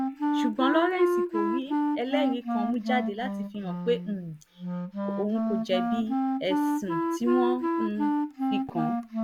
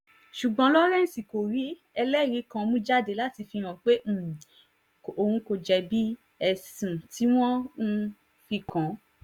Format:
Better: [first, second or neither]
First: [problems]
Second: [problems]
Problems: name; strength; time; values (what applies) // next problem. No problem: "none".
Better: second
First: background sound (Wind instrument, woodwind instrument); 2 dB above the speech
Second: none